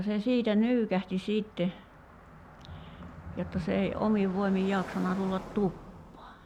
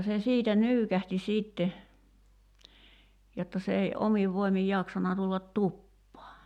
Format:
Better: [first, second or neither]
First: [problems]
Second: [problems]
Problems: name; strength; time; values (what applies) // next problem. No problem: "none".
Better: second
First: background sound (Car passing by + Thunder); 14 dB below the speech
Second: none